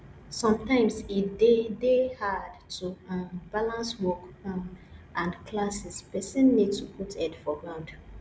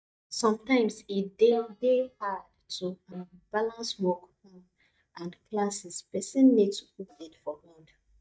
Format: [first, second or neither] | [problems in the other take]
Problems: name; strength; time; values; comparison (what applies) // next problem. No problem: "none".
first | noise reduction (neural mask model DeepFilterNet 3)